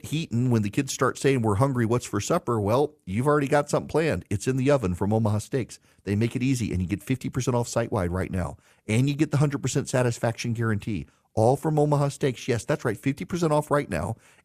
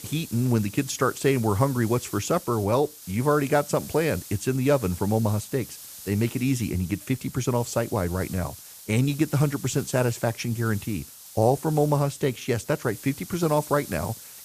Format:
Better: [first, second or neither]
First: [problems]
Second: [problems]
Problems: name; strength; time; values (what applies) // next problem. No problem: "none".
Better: first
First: none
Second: hiss; noticeable; throughout; 15 dB below the speech